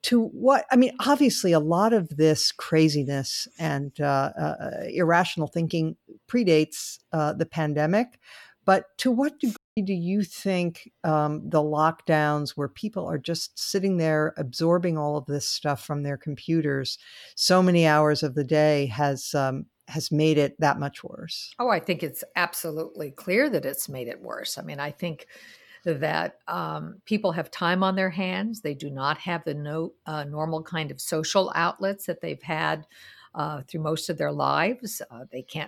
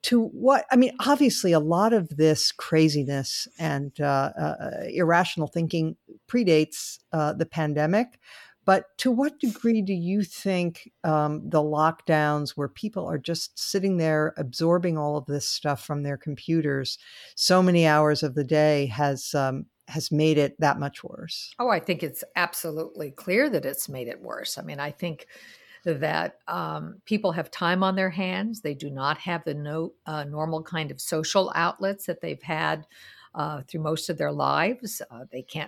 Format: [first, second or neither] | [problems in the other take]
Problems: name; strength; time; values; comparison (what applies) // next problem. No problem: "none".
second | audio cutting out; at 9.5 s